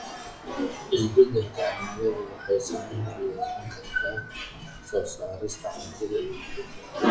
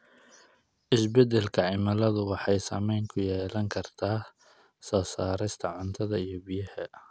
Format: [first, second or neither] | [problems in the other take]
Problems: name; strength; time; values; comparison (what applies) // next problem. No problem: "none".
second | noise reduction (classical method WPE with log-MMSE)